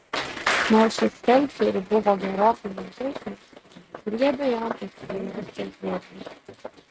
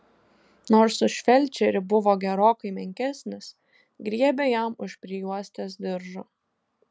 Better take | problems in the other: second | noise reduction (neural mask model RNNoise)

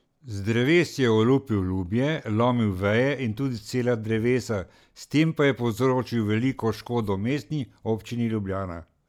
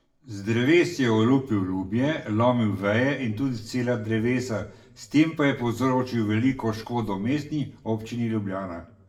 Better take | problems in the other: first | room echo; dies away in 0.5 s

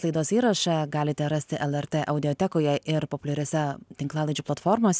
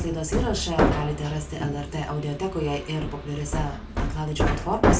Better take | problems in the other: first | background sound (Hammer); 2 dB above the speech // room echo; dies away in 0.2 s

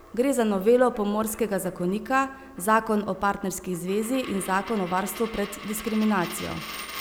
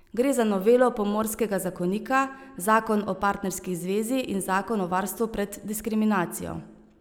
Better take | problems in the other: second | background sound (Coin (dropping)); 16 dB below the speech

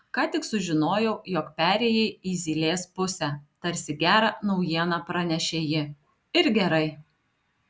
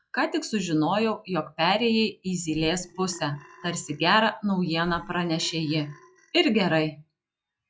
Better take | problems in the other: first | noise reduction (classical method log-MMSE)

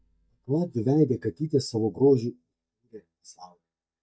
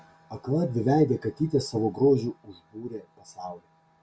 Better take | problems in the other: second | noise reduction (neural mask model DeepFilterNet 3)

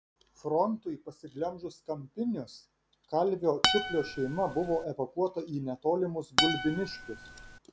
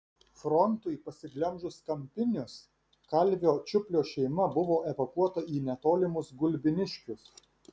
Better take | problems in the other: second | background sound (Acoustic guitar); as loud as the speech

